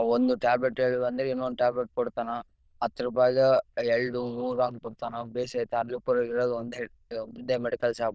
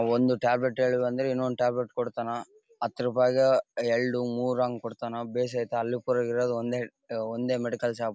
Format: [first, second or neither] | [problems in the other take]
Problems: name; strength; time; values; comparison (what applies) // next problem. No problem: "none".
second | noise reduction (neural diffusion model UNIVERSE++)